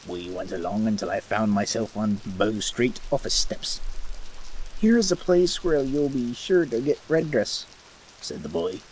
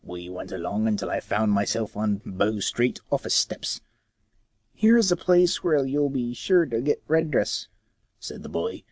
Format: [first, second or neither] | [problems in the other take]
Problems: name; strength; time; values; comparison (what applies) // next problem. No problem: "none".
second | background sound (Rain); 10 dB below the speech